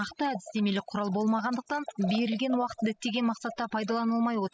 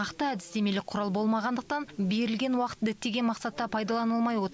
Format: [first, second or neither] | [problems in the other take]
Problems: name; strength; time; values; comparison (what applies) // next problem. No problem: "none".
second | noise reduction (classical method spectral subtraction)